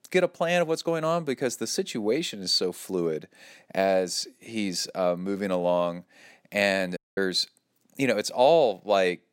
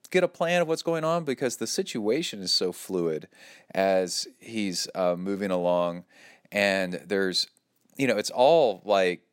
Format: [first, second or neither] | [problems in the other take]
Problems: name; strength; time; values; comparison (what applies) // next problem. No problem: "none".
second | audio cutting out; at 7 s